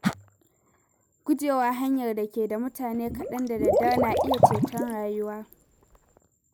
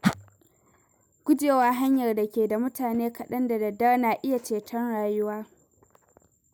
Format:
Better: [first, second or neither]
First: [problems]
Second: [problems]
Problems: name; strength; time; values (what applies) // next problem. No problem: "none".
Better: second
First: background sound (Liquid); 2 dB above the speech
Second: none